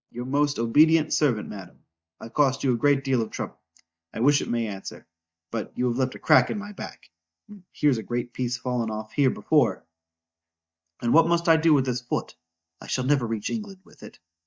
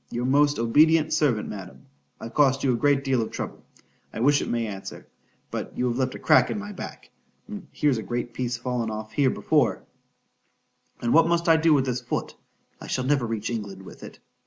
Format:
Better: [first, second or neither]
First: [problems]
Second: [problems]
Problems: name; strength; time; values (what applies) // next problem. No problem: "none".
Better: second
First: noise reduction (neural mask model DeepFilterNet 3)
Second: none